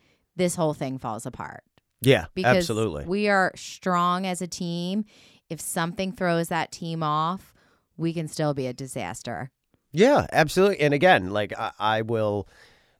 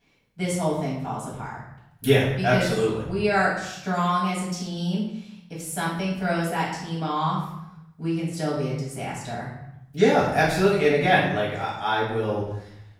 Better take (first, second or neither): first